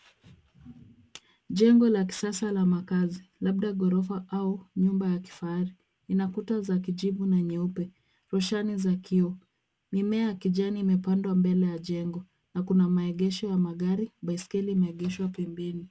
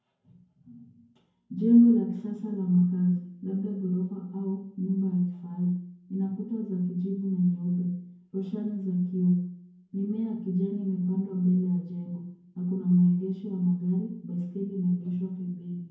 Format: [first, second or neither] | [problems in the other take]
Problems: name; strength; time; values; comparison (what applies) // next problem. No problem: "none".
first | room echo; dies away in 0.9 s